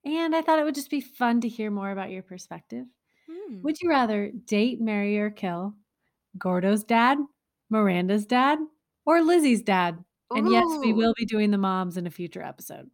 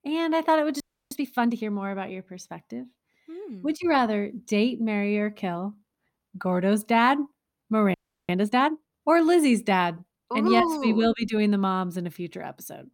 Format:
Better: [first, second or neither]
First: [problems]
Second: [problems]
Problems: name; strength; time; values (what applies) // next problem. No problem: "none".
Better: first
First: none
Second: audio freezing; at 1 s and at 8 s